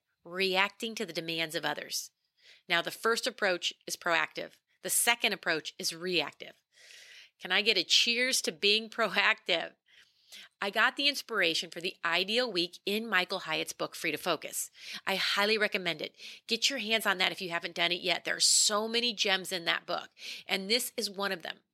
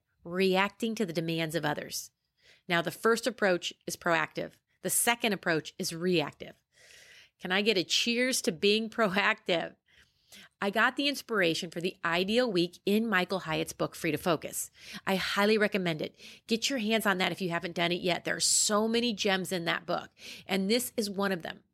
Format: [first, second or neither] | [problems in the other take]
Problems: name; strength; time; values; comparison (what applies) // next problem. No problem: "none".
second | thin; very slightly; fading below 1 kHz